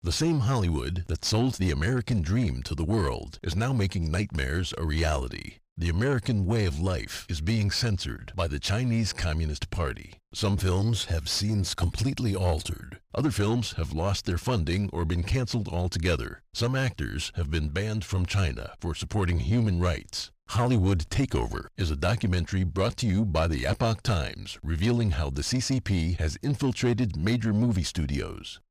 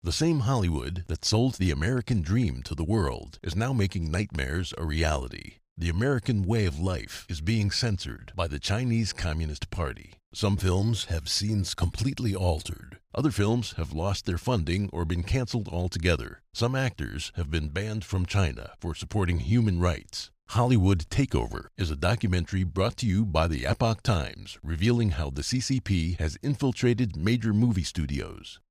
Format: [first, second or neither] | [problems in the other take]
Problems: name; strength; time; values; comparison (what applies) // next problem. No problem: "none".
second | distortion; slight; 10 dB below the speech